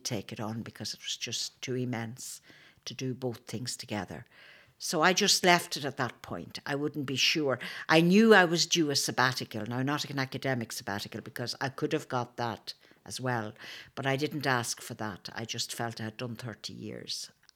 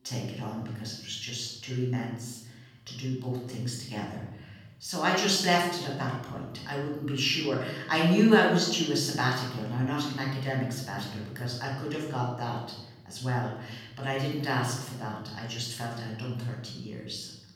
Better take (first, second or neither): first